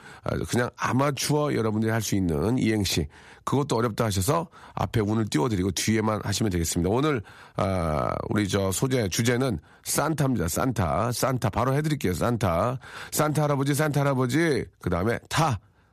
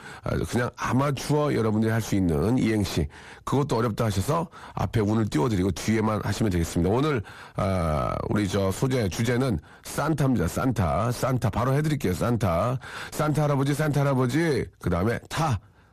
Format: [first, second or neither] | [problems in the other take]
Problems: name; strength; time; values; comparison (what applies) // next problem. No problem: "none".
first | distortion; slight; 8 dB below the speech